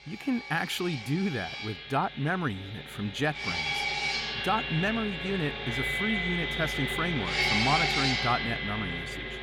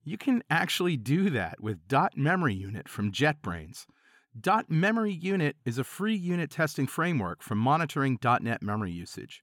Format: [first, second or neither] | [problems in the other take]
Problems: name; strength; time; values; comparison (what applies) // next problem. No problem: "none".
second | machinery noise; very loud; throughout; 2 dB above the speech